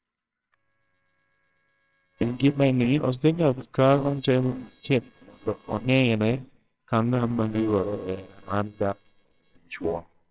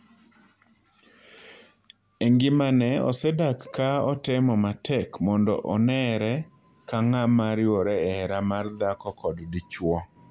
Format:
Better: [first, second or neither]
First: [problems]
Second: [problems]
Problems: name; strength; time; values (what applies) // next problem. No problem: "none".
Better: second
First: noise reduction (neural separator model SepFormer WHAMR!)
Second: none